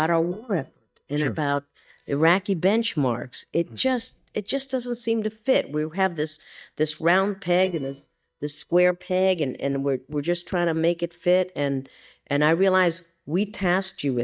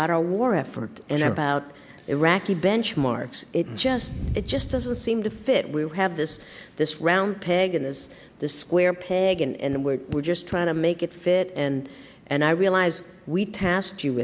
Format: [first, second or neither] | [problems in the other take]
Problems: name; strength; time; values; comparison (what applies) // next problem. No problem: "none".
second | noise reduction (neural mask model DeepFilterNet 3)